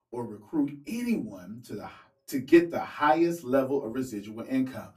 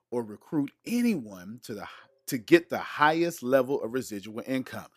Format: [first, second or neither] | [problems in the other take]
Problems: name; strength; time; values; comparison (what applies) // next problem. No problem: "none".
second | off-mic speech; far // room echo; very slight; dies away in 0.2 s